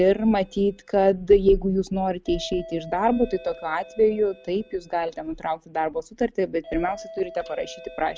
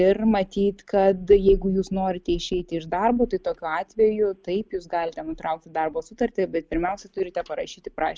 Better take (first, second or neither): second